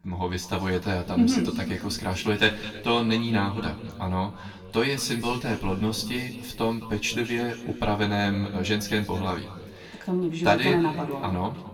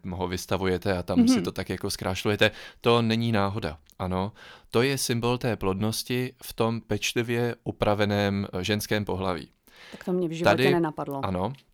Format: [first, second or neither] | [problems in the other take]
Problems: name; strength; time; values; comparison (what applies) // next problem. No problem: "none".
second | room echo; slight; dies away in 1.9 s // off-mic speech; somewhat distant